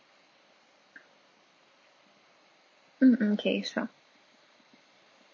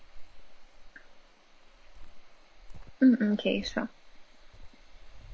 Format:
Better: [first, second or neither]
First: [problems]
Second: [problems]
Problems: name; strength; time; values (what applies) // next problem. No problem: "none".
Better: first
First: none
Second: background sound (Cricket); 12 dB below the speech